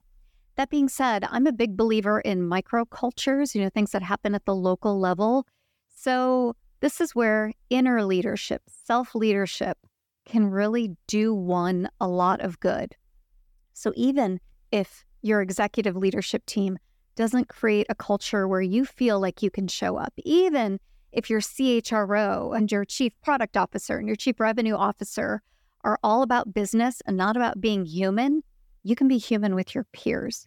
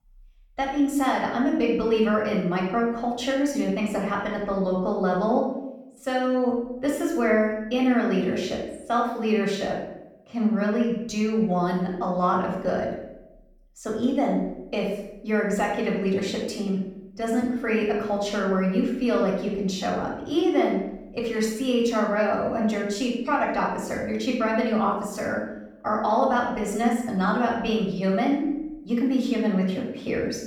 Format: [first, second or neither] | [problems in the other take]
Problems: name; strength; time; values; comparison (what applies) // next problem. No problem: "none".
first | off-mic speech; far // room echo; noticeable; dies away in 0.7 s